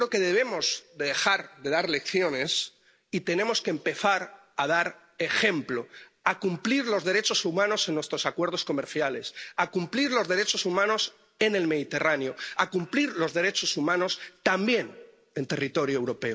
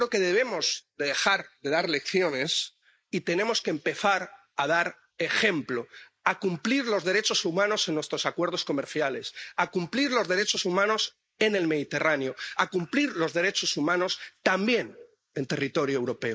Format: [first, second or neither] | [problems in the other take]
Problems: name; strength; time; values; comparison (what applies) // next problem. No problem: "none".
first | noise reduction (neural mask model Resemble Enhance denoiser)